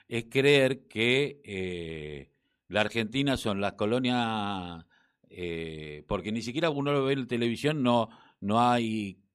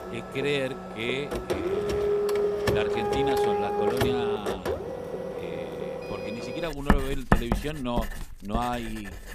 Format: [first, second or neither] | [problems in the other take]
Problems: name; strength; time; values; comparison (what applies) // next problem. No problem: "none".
first | household noises; very loud; throughout; 4 dB above the speech